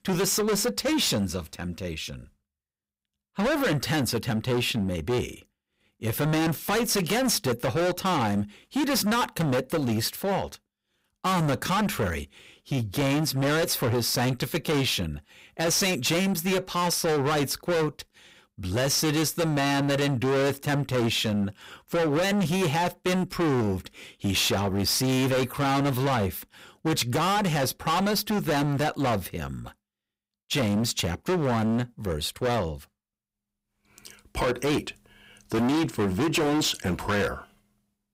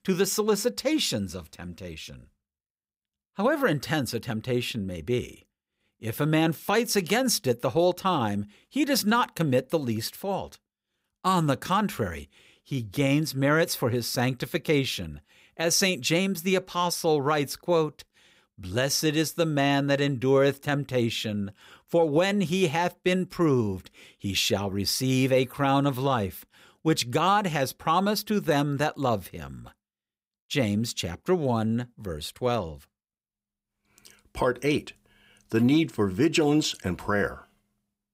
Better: second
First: distortion; heavy; 23% of the sound clipped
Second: none

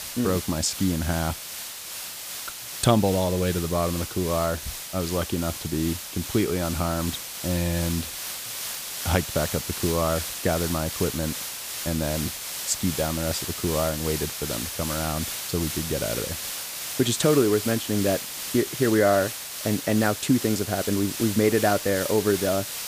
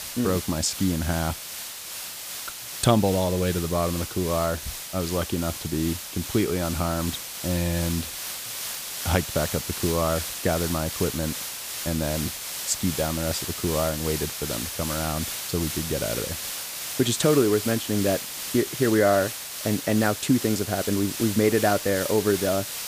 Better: neither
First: hiss; loud; throughout; 5 dB below the speech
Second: hiss; loud; throughout; 5 dB below the speech

